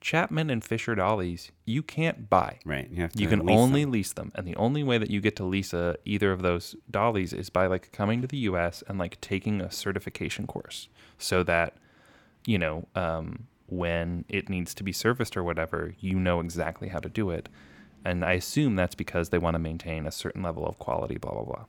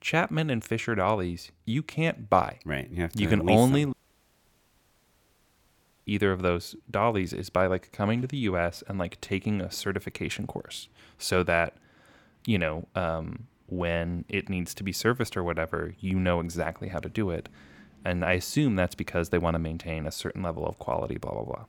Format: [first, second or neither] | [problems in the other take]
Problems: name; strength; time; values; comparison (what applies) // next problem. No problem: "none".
first | audio cutting out; at 4 s for 2 s